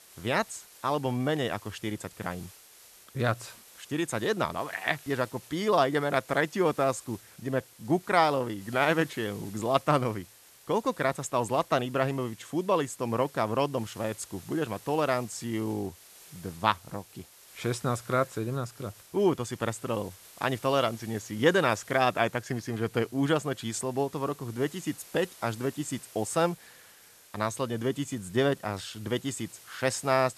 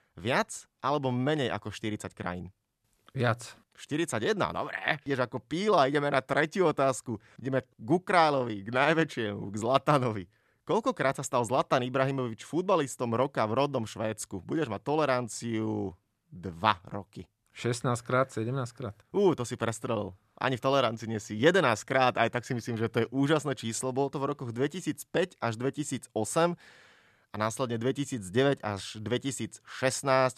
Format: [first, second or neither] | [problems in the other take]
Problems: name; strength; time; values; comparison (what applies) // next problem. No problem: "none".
second | hiss; faint; throughout; 20 dB below the speech